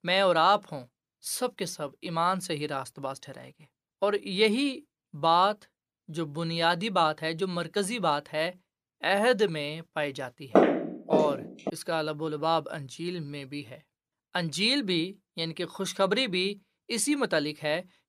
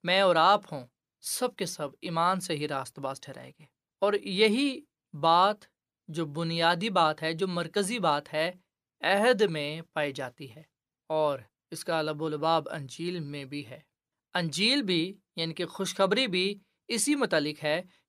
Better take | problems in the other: second | footsteps; loud; from 11 to 12 s; peak 6 dB above the speech

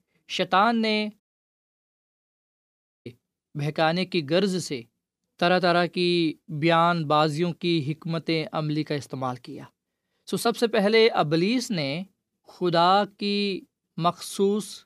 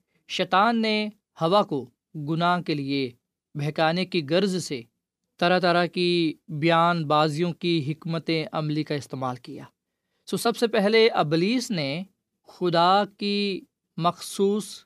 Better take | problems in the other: second | audio cutting out; at 1 s for 2 s

